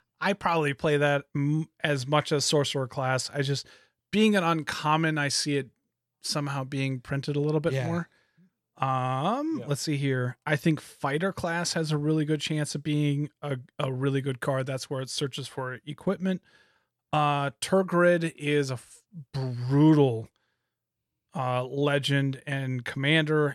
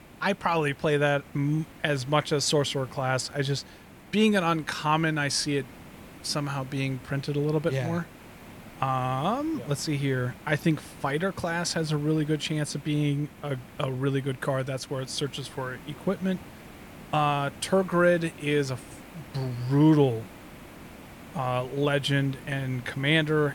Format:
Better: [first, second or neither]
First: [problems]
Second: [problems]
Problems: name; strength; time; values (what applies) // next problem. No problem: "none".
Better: first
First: none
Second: hiss; noticeable; throughout; 20 dB below the speech